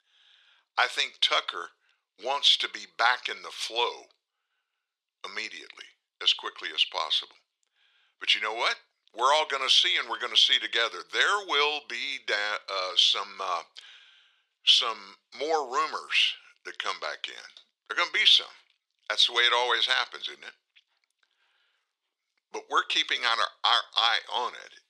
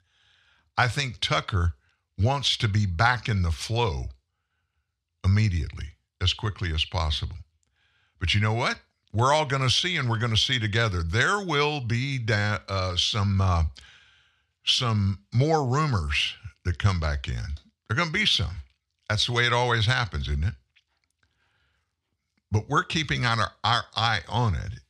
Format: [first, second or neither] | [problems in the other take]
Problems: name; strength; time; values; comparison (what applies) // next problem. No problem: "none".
second | thin; very; fading below 400 Hz